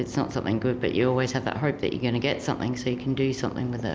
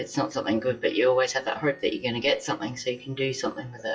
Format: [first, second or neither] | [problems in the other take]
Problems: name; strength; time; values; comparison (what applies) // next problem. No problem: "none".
first | noise reduction (classical method WPE with log-MMSE)